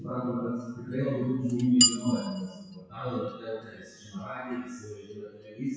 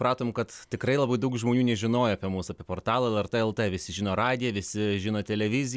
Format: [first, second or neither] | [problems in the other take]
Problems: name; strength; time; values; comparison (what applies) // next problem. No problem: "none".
second | noise reduction (classical method WPE with log-MMSE)